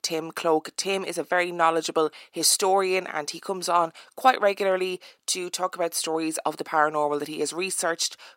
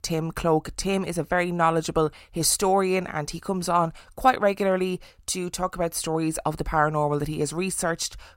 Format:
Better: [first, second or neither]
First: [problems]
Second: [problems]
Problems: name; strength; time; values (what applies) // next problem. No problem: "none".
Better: second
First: thin; somewhat; fading below 300 Hz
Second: none